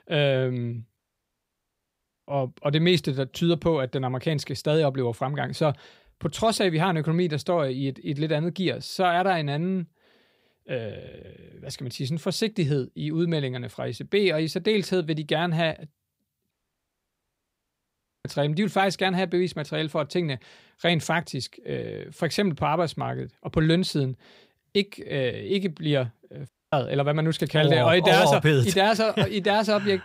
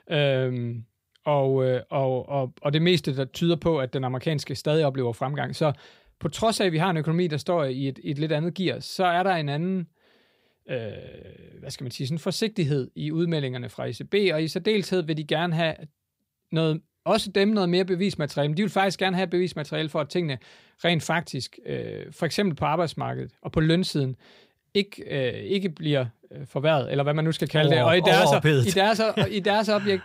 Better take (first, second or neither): second